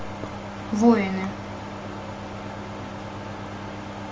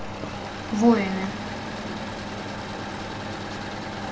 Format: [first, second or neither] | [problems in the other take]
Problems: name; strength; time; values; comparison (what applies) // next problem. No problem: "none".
first | background sound (Engine / Mechanisms); 8 dB below the speech